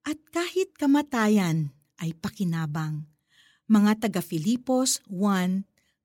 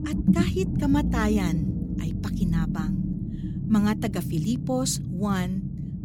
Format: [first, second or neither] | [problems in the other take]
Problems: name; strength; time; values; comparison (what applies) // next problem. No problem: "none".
first | low rumble; loud; throughout; 5 dB below the speech